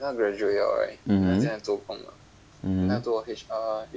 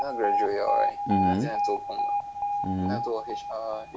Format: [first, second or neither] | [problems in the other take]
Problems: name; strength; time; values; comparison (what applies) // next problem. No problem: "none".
first | background sound (Alarm); 2 dB above the speech